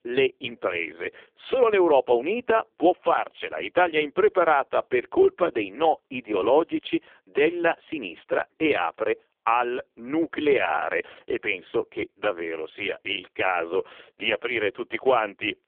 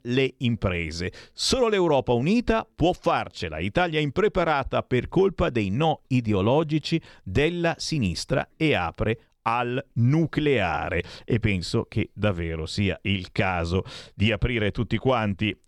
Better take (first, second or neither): second